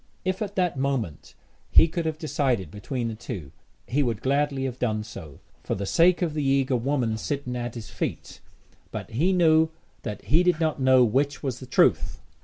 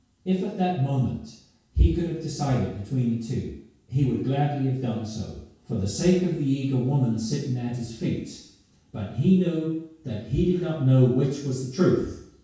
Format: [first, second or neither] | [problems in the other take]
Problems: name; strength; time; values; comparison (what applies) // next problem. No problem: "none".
first | room echo; dies away in 0.6 s